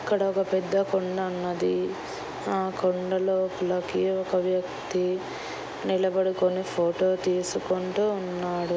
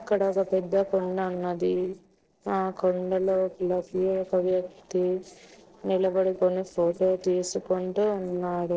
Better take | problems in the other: first | noise reduction (neural separator model SepFormer DNS4)

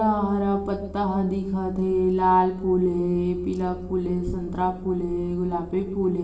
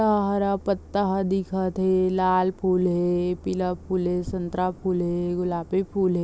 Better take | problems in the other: second | room echo; dies away in 0.8 s

